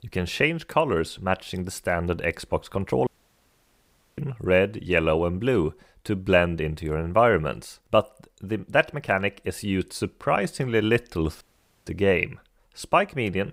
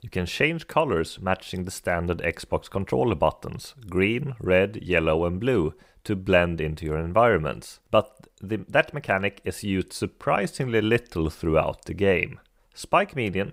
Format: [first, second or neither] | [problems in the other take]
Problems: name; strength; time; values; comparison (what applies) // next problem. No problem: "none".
second | audio cutting out; at 3 s for 1 s and at 11 s